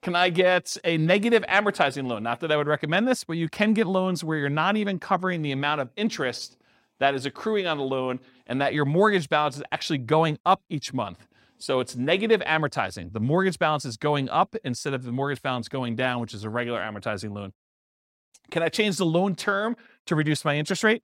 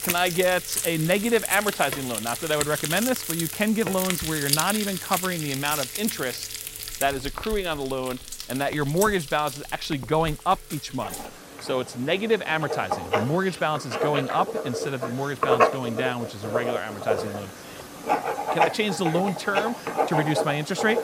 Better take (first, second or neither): first